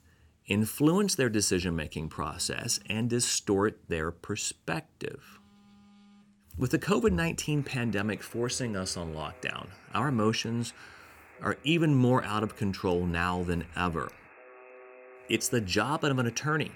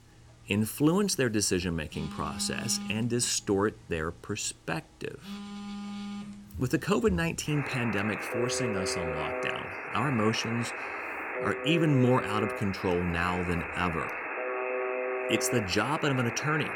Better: first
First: alarms or sirens; faint; throughout; 25 dB below the speech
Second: alarms or sirens; loud; throughout; 5 dB below the speech

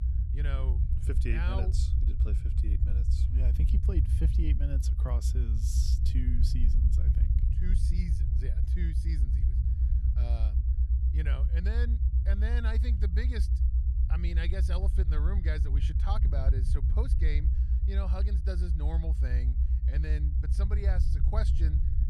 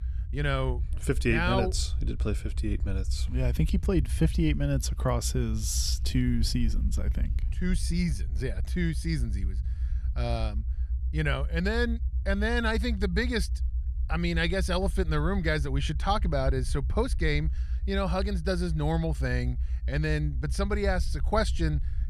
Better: second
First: low rumble; loud; throughout; 3 dB below the speech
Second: low rumble; faint; throughout; 20 dB below the speech

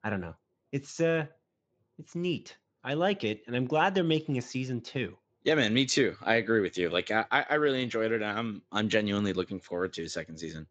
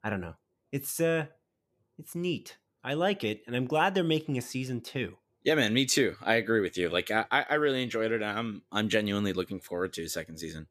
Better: second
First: garbled, watery; slightly; nothing above 7.5 kHz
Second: none

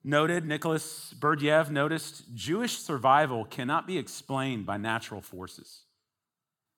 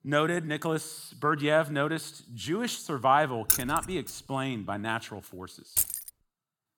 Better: first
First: none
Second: jangling keys; loud; at 3.5 s and at 6 s; peak 4 dB above the speech

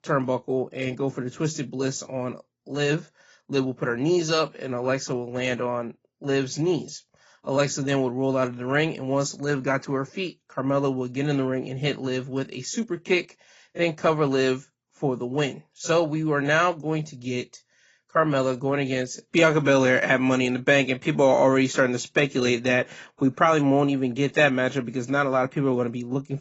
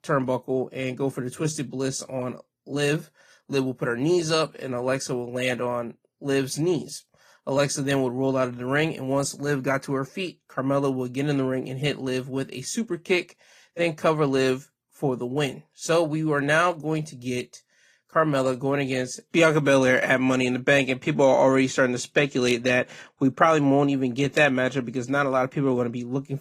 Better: second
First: garbled, watery; badly; nothing above 7.5 kHz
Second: garbled, watery; slightly; nothing above 14.5 kHz

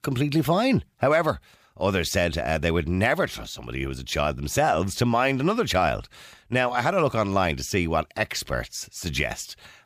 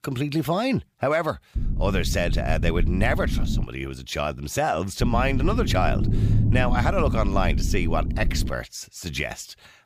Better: first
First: none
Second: low rumble; noticeable; from 1.5 to 3.5 s and from 5 to 8.5 s; 10 dB below the speech

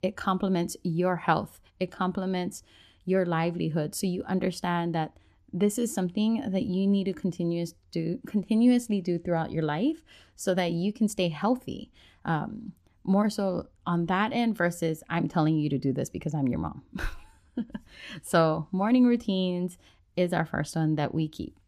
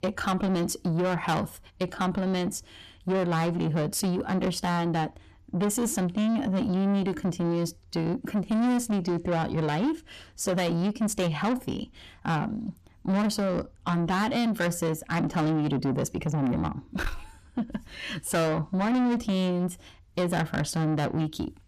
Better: first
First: none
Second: distortion; heavy; 8 dB below the speech

